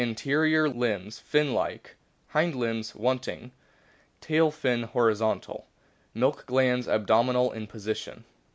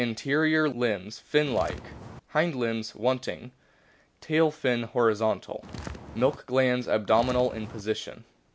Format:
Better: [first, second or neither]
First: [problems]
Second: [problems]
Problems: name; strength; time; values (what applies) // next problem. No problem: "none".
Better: first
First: none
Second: background sound (Walk, footsteps); 12 dB below the speech